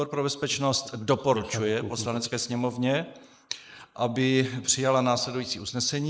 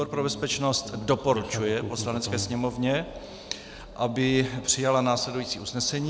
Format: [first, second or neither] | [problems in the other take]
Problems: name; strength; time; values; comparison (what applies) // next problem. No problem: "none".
second | noise reduction (neural mask model Resemble Enhance denoiser)